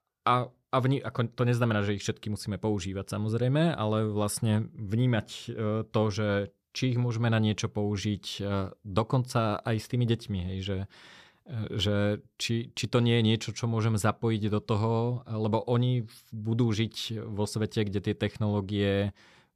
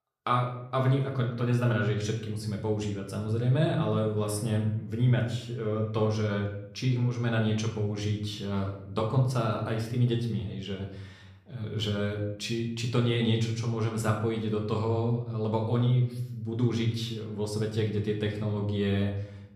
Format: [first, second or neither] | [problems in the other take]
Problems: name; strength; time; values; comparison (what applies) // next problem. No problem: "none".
first | room echo; slight; dies away in 0.7 s // off-mic speech; somewhat distant